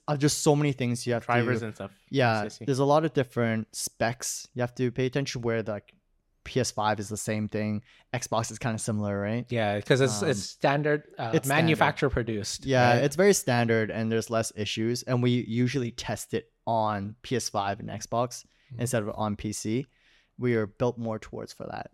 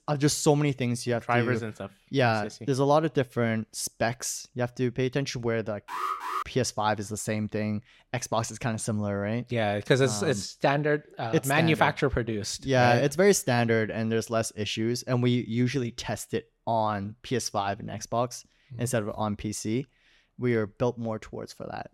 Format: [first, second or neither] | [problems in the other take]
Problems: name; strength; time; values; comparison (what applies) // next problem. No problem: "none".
first | alarm; noticeable; at 6 s; peak 3 dB below the speech